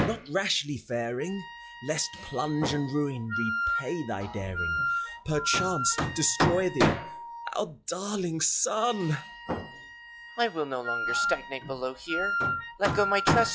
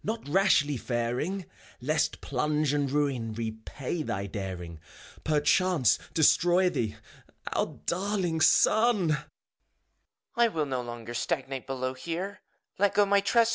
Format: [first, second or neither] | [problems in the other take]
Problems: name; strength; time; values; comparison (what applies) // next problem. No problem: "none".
second | noise reduction (classical method log-MMSE)